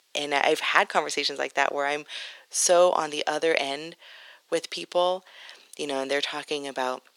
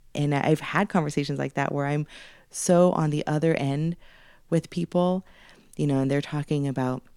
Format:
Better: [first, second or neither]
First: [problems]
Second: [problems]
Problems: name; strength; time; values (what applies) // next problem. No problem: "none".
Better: second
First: thin; very; fading below 500 Hz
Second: none